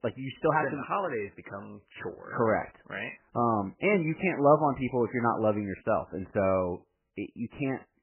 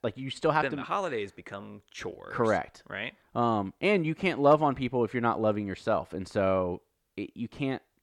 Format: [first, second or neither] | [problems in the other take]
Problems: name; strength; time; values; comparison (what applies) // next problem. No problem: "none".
second | garbled, watery; badly; nothing above 2.5 kHz